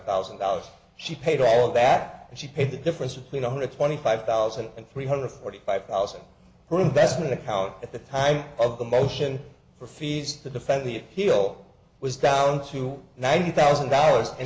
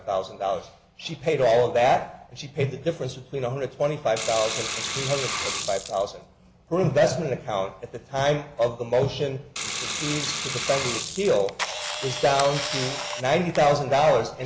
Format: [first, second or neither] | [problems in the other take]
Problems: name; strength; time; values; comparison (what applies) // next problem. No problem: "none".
first | background sound (Camera + Sink (filling or washing) / Water); 6 dB below the speech